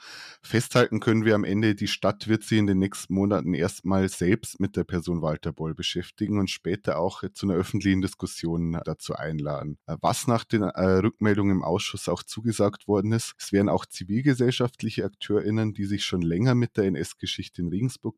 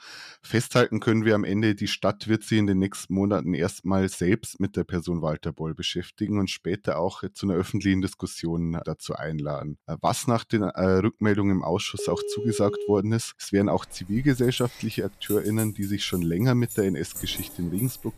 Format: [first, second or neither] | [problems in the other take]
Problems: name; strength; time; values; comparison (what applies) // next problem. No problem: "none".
first | phone ringing; noticeable; from 12 to 13 s; peak 6 dB below the speech // jangling keys; noticeable; from 14 s on; peak 8 dB below the speech